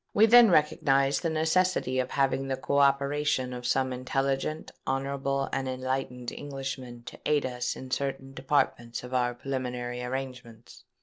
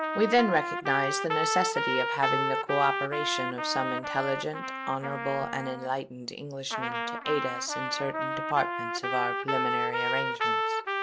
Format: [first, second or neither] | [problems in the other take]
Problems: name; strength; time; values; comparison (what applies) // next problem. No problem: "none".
first | background sound (Trumpet); as loud as the speech